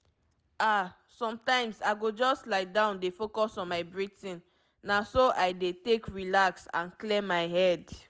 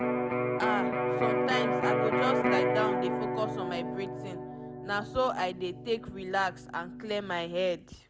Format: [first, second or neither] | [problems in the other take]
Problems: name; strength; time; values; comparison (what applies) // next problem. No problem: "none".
first | background sound (Electric guitar); 3 dB above the speech